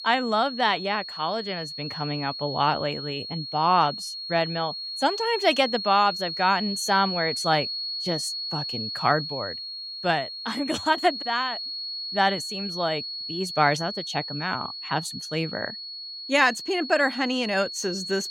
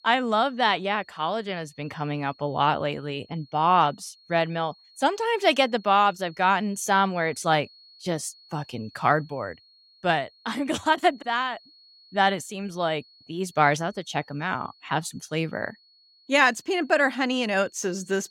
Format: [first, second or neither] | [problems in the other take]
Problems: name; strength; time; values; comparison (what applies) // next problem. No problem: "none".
second | high-pitched whine; loud; throughout; 4.5 kHz, 6 dB below the speech; faint in the second